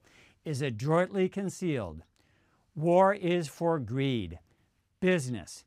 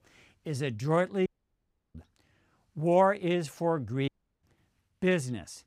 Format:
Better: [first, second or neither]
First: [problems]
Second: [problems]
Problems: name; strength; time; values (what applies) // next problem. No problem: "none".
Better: first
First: none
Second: audio cutting out; at 1.5 s for 0.5 s and at 4 s